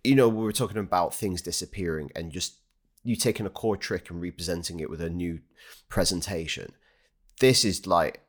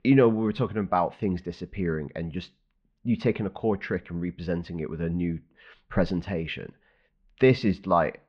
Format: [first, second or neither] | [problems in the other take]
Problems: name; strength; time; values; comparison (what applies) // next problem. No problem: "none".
first | muffled; very; fading above 3 kHz